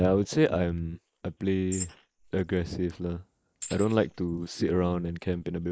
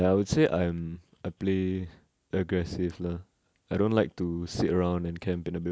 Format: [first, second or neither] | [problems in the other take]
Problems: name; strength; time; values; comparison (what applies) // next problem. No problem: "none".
second | noise reduction (neural mask model Resemble Enhance denoiser)